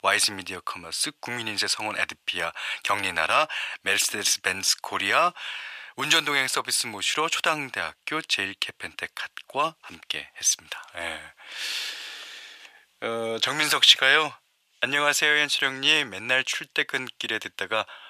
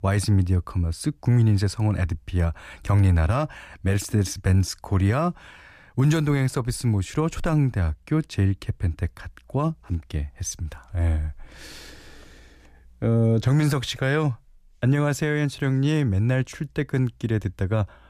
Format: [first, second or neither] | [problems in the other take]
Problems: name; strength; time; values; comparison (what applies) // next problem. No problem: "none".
second | thin; very; fading below 900 Hz